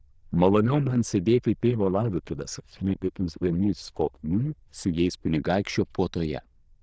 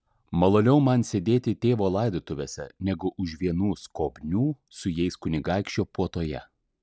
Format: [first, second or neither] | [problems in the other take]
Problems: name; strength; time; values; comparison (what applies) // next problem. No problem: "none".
second | noise reduction (neural diffusion model UNIVERSE++)